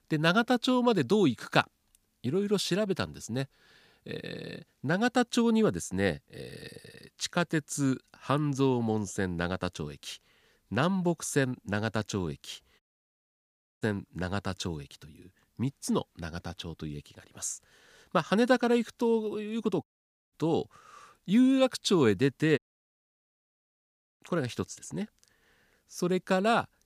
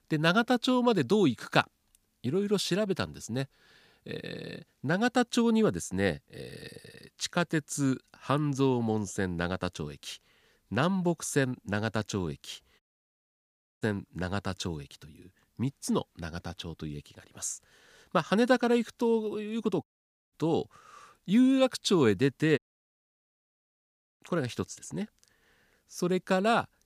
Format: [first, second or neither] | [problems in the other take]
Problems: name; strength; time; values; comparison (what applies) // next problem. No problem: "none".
neither | audio cutting out; at 13 s for 1 s, at 20 s and at 23 s for 1.5 s; the same in both